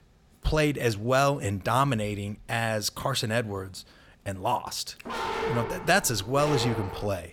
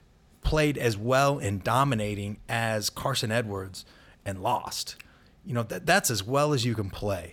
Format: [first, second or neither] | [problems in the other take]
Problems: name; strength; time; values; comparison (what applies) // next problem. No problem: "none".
second | dog barking; noticeable; from 5 s on; peak 2 dB below the speech